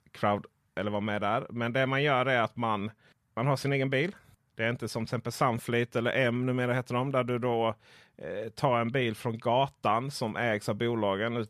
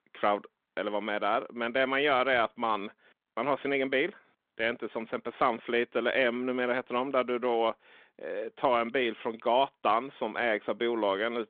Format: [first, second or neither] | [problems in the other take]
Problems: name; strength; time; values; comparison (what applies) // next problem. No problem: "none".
first | phone-call audio